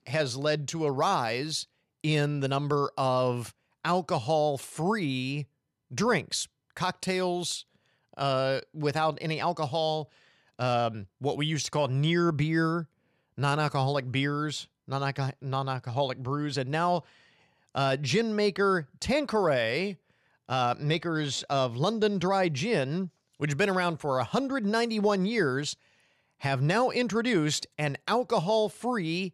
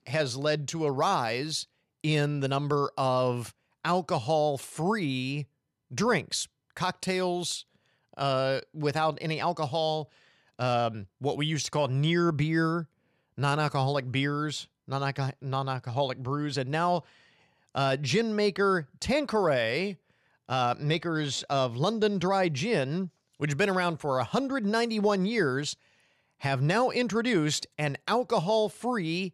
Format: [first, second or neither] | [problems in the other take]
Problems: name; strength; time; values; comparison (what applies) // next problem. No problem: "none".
neither | none